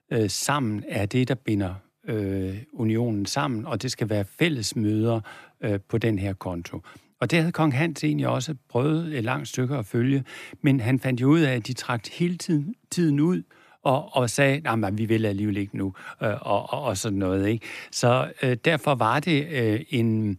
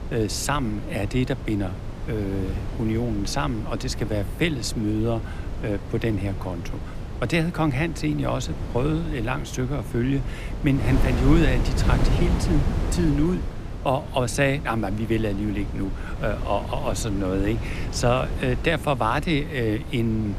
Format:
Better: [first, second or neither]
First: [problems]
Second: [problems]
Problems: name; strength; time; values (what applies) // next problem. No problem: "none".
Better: first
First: none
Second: wind noise on the microphone; occasional gusts; 10 dB below the speech